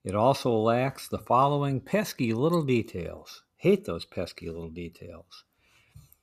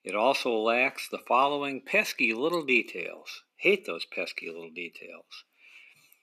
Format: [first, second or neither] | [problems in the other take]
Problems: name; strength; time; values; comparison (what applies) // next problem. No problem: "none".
first | thin; very slightly; fading below 250 Hz